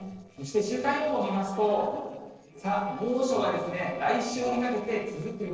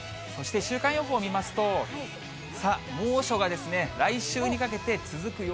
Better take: second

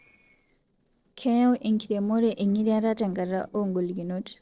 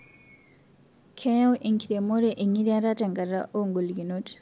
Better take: second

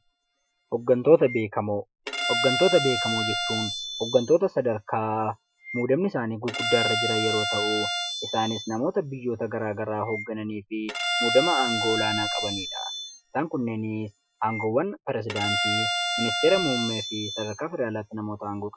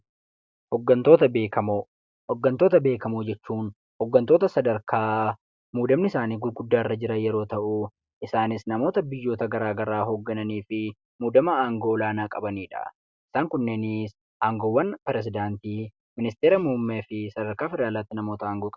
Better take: second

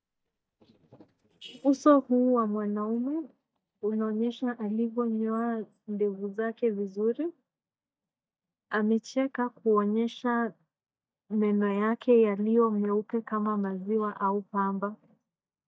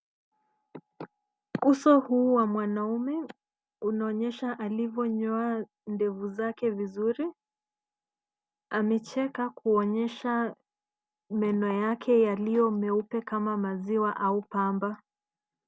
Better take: second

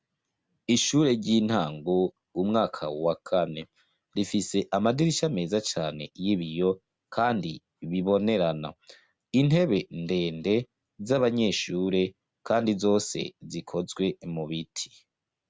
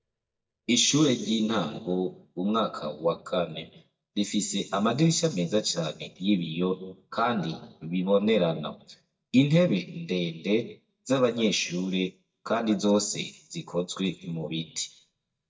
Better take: first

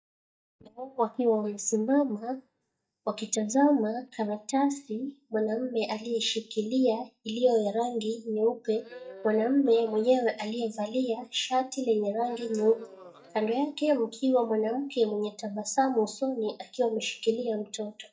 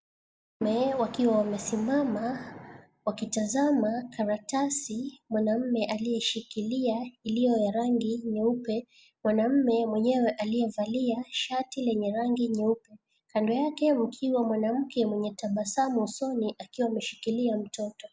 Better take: second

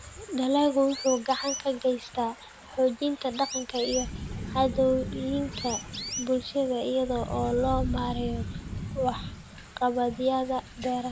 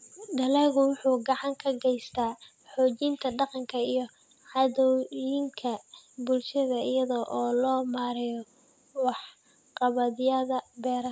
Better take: second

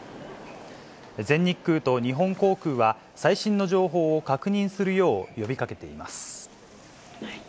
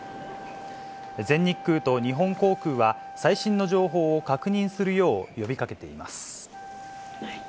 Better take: first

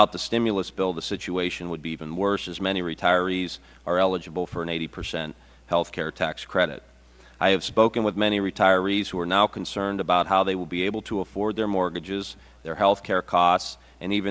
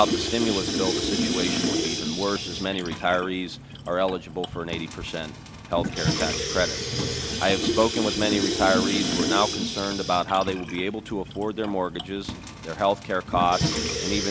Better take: first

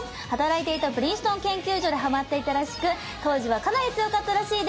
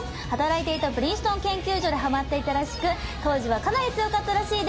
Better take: first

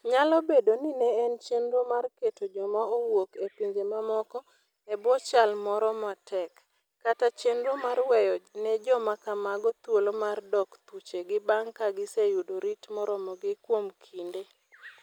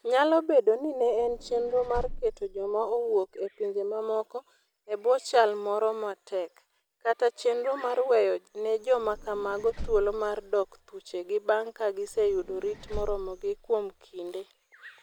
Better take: first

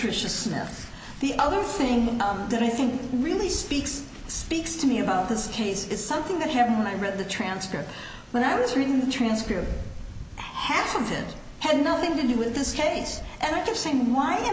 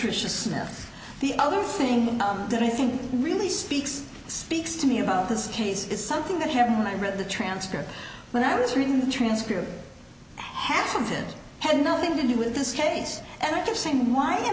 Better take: second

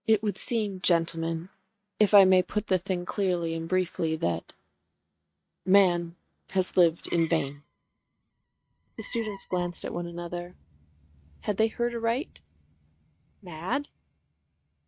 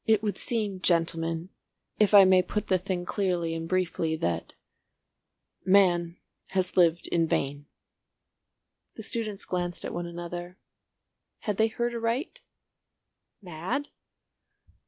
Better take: second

